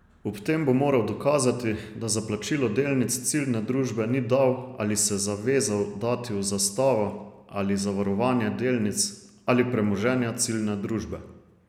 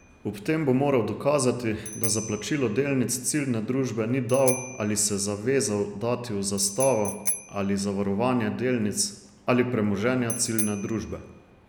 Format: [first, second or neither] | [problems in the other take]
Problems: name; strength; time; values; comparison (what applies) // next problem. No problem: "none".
first | background sound (Bicycle bell); 12 dB below the speech